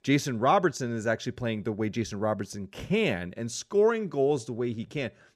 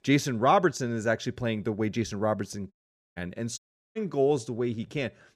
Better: first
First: none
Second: audio cutting out; at 2.5 s and at 3.5 s

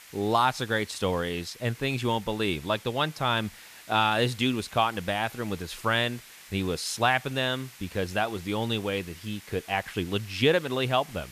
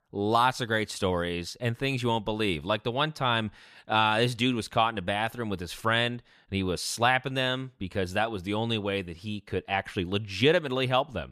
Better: second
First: hiss; noticeable; throughout; 20 dB below the speech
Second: none

